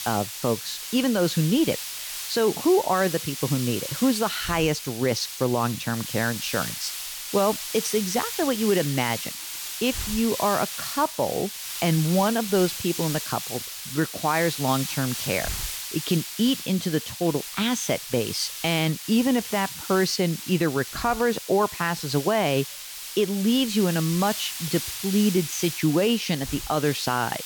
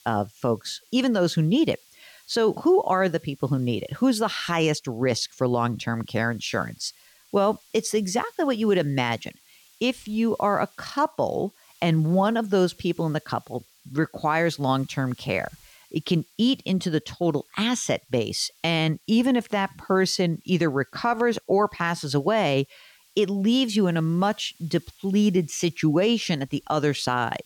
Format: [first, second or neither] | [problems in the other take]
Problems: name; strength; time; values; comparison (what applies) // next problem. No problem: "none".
second | hiss; loud; throughout; 7 dB below the speech; faint in the second